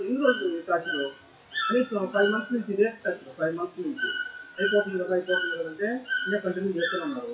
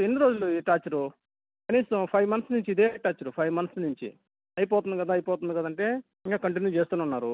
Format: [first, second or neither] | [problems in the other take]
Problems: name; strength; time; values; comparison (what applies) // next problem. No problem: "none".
second | noise reduction (classical method WPE with log-MMSE)